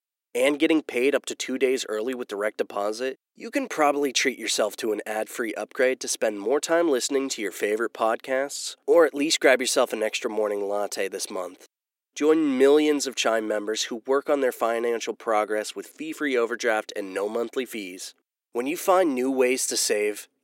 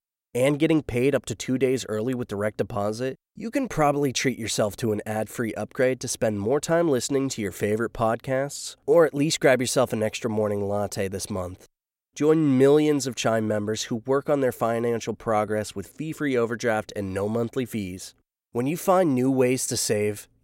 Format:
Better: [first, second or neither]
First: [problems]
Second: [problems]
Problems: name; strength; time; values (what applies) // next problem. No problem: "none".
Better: second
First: thin; very slightly; fading below 300 Hz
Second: none